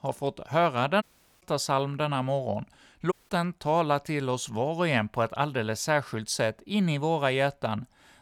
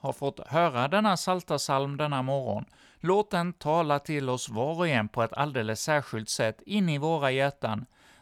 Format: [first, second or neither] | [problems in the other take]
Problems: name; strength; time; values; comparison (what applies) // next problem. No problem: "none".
second | audio cutting out; at 1 s and at 3 s